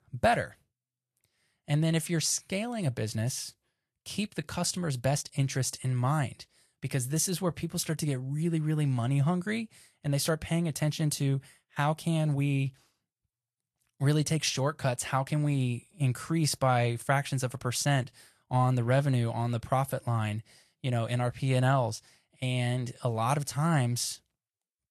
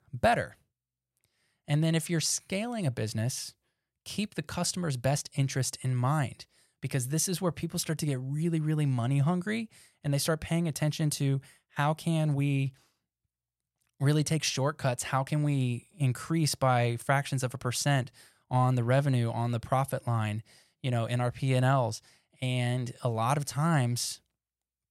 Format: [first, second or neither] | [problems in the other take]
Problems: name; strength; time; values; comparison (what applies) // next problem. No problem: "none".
second | garbled, watery; slightly; nothing above 12.5 kHz